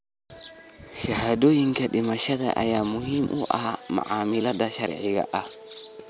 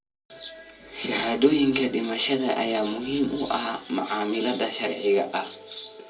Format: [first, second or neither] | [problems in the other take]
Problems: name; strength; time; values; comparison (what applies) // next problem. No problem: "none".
first | room echo; dies away in 0.2 s